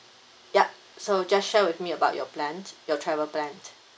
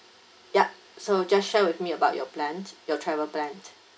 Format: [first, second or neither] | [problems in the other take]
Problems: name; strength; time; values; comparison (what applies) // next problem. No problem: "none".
first | room echo; dies away in 0.3 s